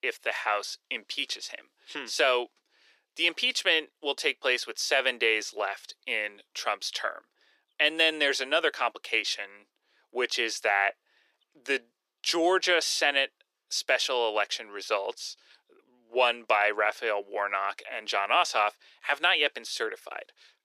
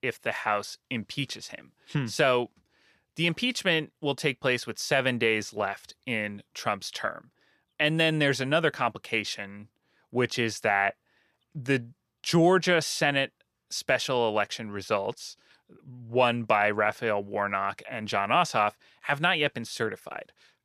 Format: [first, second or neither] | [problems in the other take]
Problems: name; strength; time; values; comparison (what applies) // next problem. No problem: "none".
second | thin; very; fading below 350 Hz